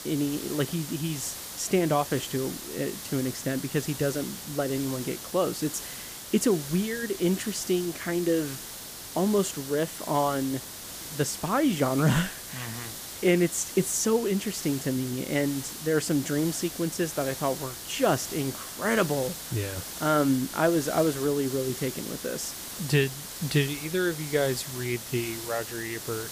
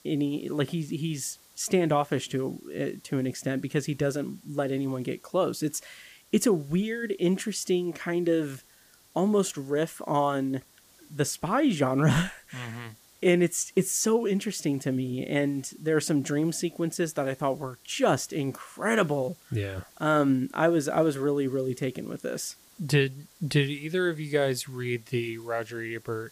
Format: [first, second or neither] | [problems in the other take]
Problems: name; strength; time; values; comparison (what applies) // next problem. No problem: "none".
second | hiss; loud; throughout; 8 dB below the speech; faint in the second